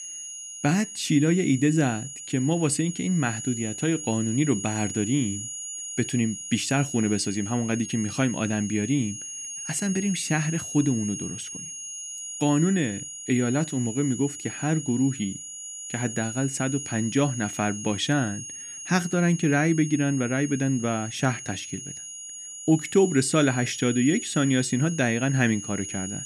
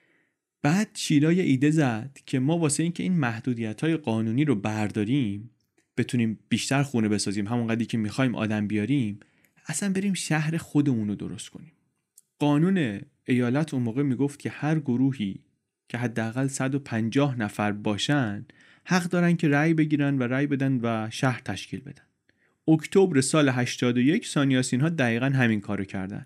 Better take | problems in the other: second | high-pitched whine; loud; throughout; 6.5 kHz, 9 dB below the speech

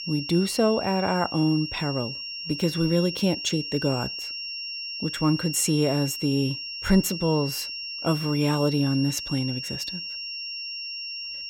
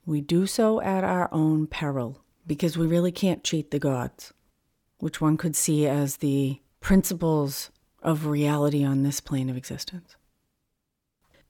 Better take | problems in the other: second | high-pitched whine; loud; throughout; 5.5 kHz, 6 dB below the speech

